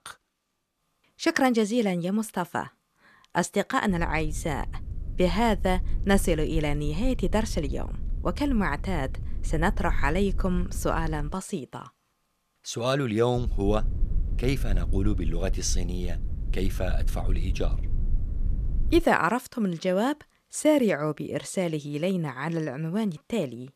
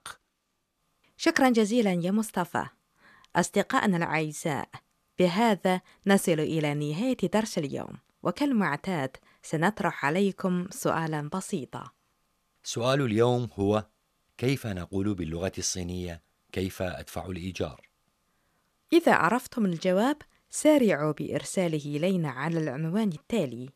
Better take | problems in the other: second | low rumble; faint; from 4 to 11 s and from 13 to 19 s; 20 dB below the speech

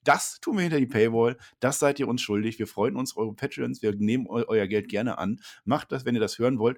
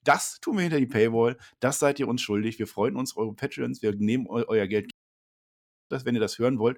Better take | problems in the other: first | audio cutting out; at 5 s for 1 s

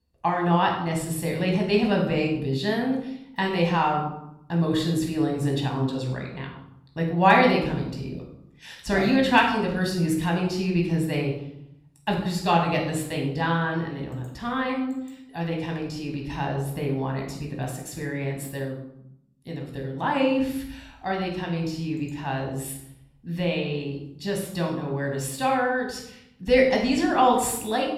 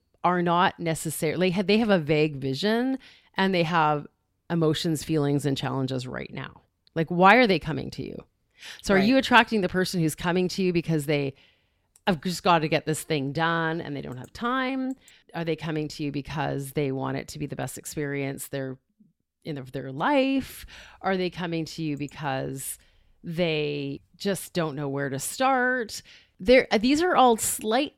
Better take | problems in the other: second | off-mic speech; somewhat distant // room echo; noticeable; dies away in 0.7 s

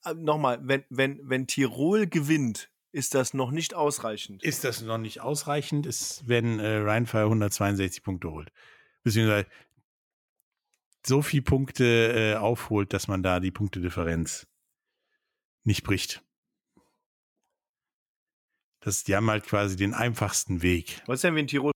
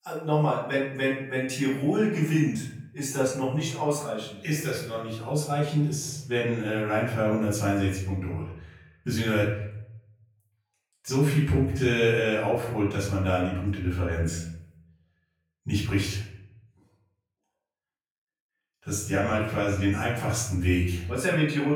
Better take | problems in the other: first | off-mic speech; far // room echo; noticeable; dies away in 0.7 s

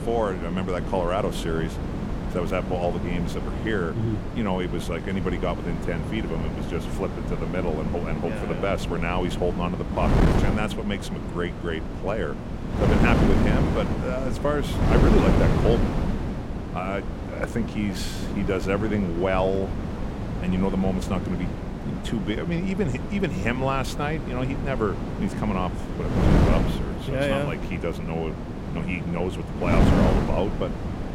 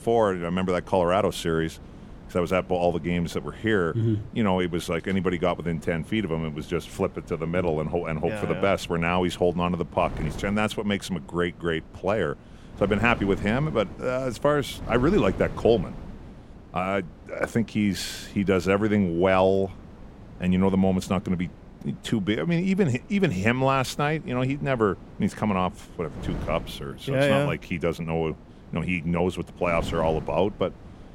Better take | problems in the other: second | wind noise on the microphone; heavy; 3 dB below the speech; occasional gusts in the second

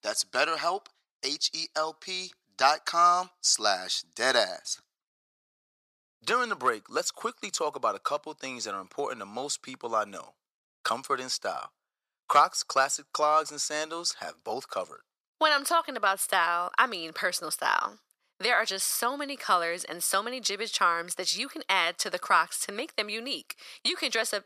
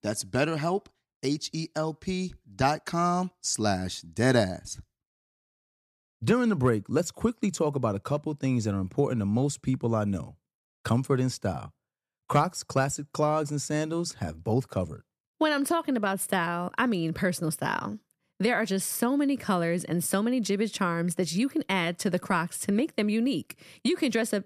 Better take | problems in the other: second | thin; very; fading below 750 Hz

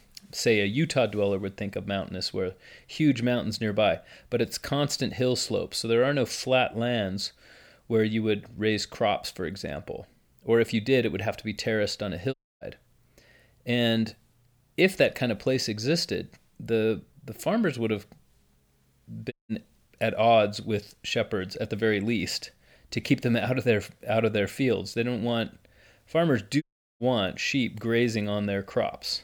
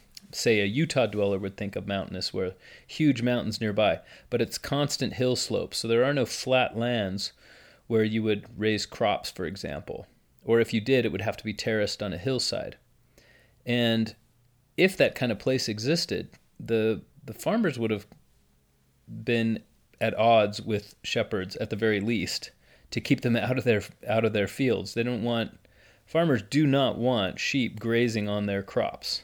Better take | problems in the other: second | audio cutting out; at 12 s, at 19 s and at 27 s

